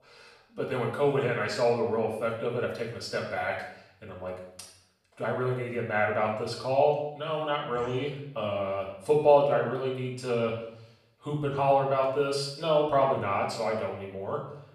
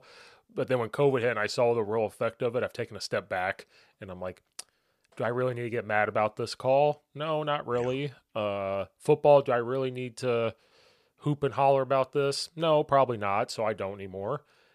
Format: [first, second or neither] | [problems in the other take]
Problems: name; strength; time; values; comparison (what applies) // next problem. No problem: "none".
second | off-mic speech; far // room echo; noticeable; dies away in 0.7 s